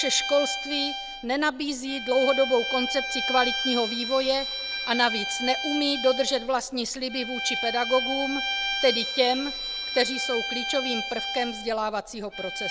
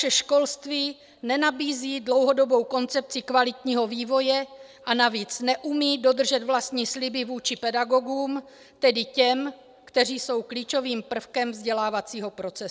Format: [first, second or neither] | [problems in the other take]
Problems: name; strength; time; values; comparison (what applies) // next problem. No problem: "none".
second | background sound (Bowed string instrument); 4 dB below the speech